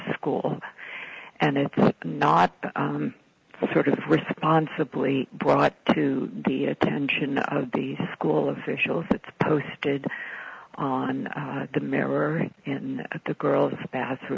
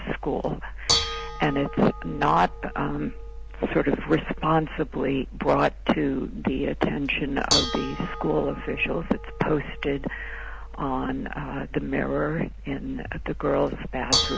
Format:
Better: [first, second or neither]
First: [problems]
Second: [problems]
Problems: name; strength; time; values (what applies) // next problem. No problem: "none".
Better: first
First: none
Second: background sound (Dishes, pots, and pans / Bell); 6 dB below the speech